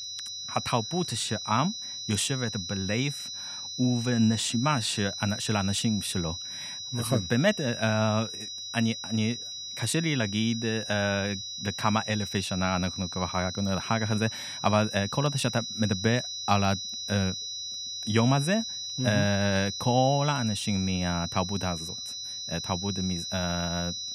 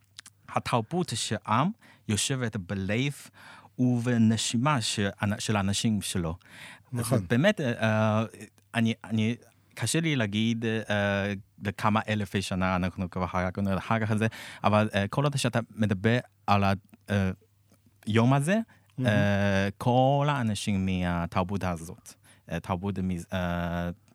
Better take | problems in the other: second | high-pitched whine; loud; throughout; 4 kHz, 6 dB below the speech

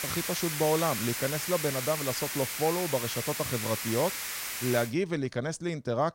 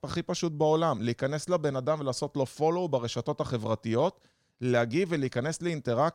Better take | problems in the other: second | hiss; loud; until 5 s; 2 dB below the speech

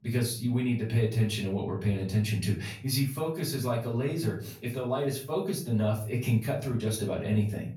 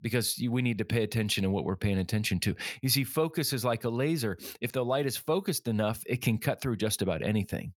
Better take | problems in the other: second | room echo; slight; dies away in 0.4 s // off-mic speech; far

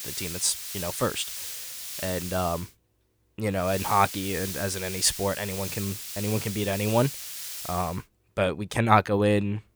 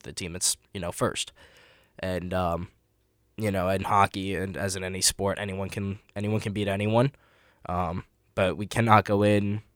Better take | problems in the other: second | hiss; loud; until 2.5 s and from 3.5 to 8 s; 7 dB below the speech

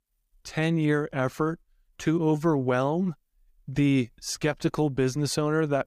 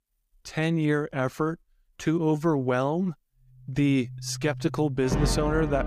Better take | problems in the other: first | background music; loud; from 4.5 s on; 6 dB below the speech

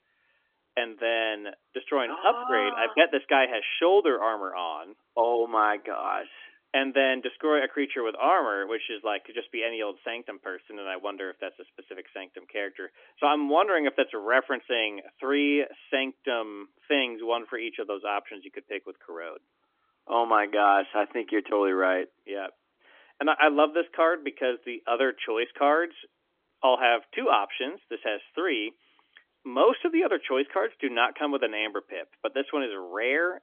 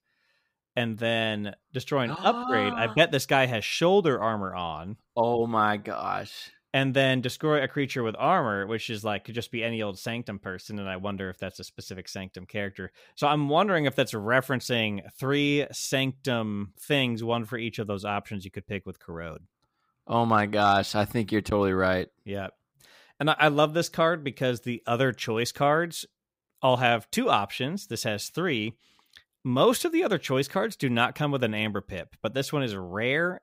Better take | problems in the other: second | phone-call audio; nothing above 3.5 kHz

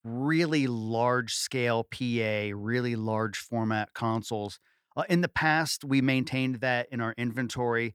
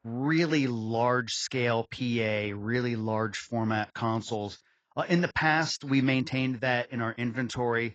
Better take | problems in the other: first | garbled, watery; badly; nothing above 7.5 kHz

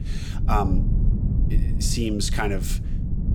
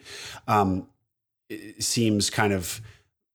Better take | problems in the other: second | low rumble; noticeable; throughout; 10 dB below the speech

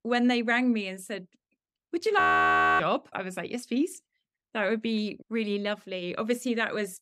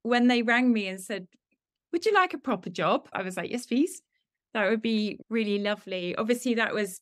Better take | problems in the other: second | audio freezing; at 2 s for 0.5 s

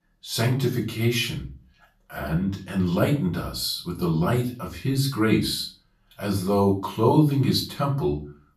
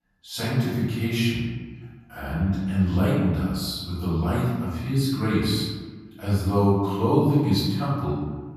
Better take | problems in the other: first | room echo; strong; dies away in 1.3 s; slight in the first // off-mic speech; far; far in the first

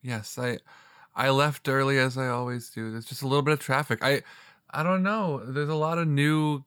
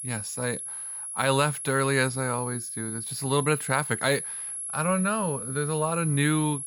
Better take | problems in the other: first | high-pitched whine; loud; throughout; 11 kHz, 5 dB below the speech

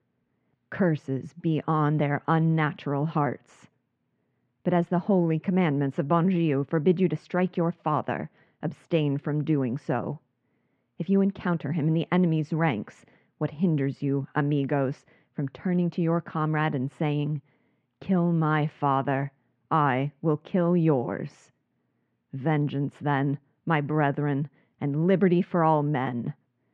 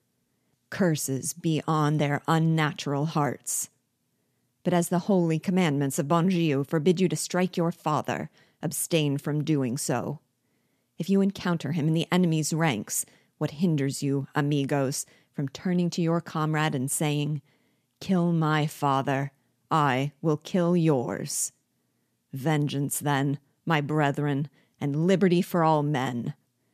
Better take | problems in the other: second | muffled; very; fading above 2.5 kHz

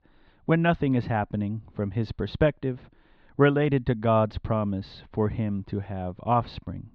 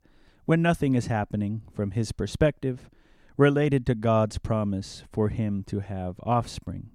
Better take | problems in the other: second | muffled; slightly; fading above 4 kHz

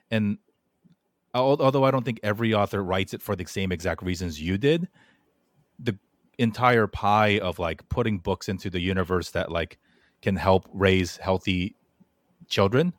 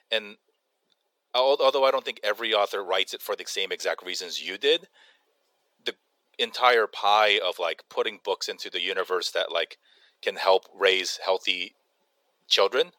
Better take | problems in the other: first | thin; very; fading below 450 Hz

